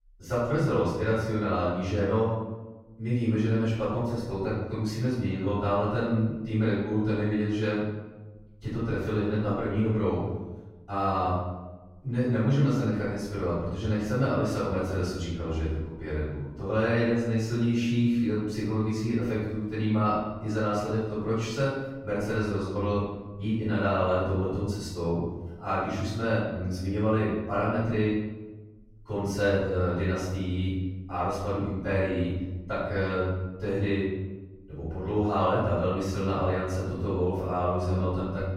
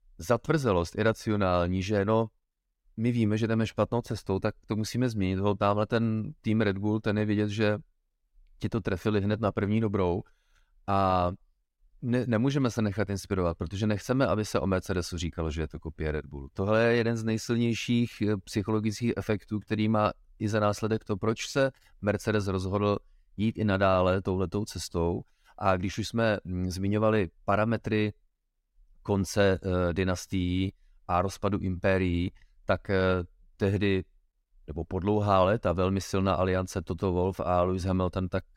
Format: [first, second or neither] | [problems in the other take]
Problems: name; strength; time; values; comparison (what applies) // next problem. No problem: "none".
second | off-mic speech; far // room echo; strong; dies away in 1 s